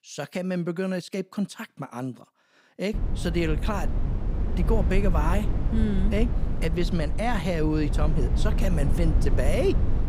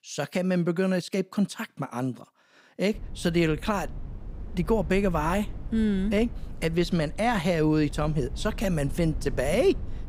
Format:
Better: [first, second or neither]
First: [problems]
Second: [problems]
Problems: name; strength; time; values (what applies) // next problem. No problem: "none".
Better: second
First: low rumble; loud; from 3 s on; 8 dB below the speech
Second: low rumble; faint; from 3 s on; 20 dB below the speech